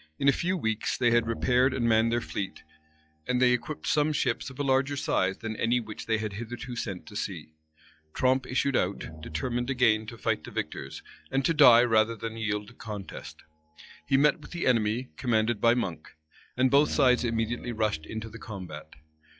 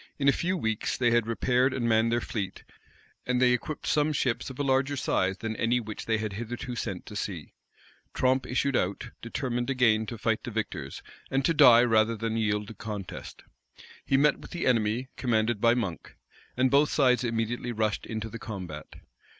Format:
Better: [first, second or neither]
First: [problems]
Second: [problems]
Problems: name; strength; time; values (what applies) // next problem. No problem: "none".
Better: second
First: noise reduction (classical method log-MMSE)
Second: none